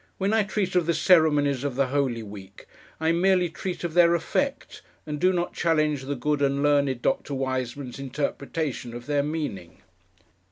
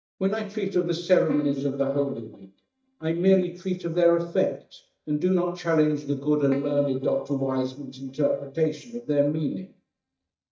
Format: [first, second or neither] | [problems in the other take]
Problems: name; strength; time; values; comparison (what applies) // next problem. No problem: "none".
first | noise reduction (neural mask model DeepFilterNet 3)